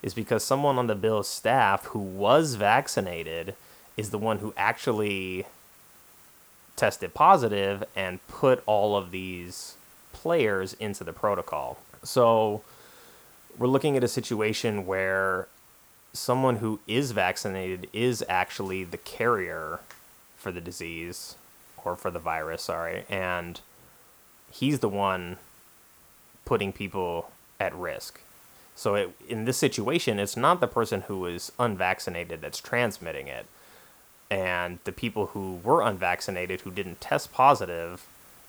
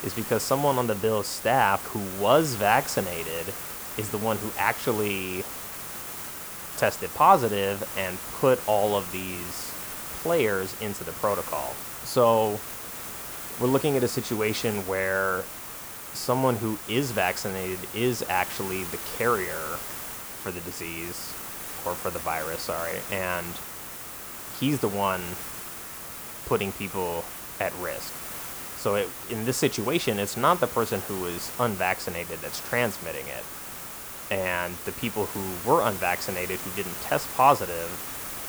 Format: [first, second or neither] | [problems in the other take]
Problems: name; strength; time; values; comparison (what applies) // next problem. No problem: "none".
first | hiss; loud; throughout; 8 dB below the speech; faint in the first